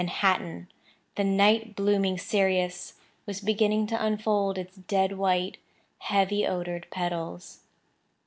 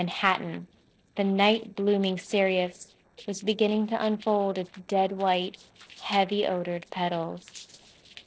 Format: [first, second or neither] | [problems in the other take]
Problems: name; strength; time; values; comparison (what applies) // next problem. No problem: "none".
first | noise reduction (neural separator model SepFormer DNS4)